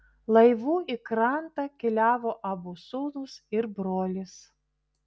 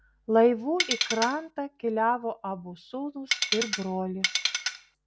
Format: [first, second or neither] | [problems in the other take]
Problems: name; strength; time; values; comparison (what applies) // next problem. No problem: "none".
first | background sound (Tools); 1 dB below the speech